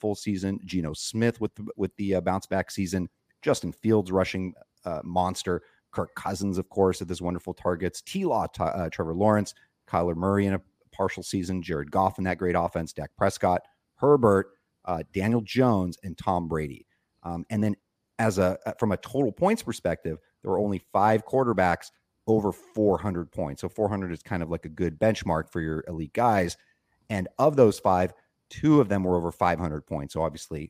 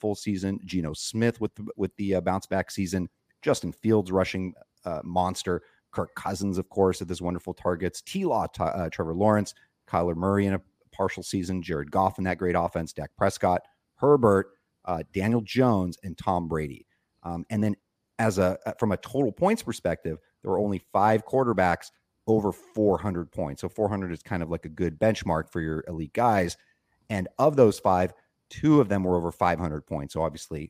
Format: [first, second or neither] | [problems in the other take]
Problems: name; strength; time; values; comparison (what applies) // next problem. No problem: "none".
neither | none